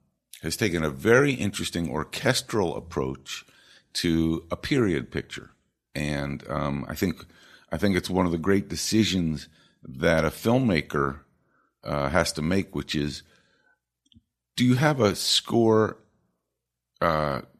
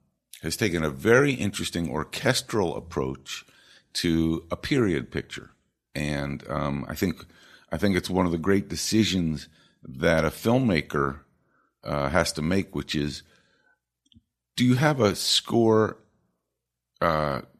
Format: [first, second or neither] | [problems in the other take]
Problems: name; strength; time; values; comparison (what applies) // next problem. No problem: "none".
neither | none